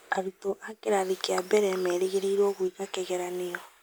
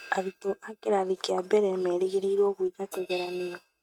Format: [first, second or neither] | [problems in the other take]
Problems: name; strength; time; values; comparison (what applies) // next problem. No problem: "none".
first | noise reduction (neural mask model RNNoise)